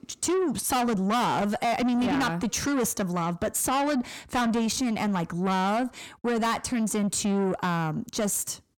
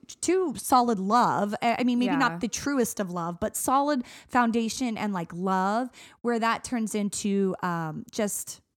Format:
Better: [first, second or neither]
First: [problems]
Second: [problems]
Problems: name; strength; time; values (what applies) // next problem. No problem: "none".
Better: second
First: distortion; heavy; 6 dB below the speech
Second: none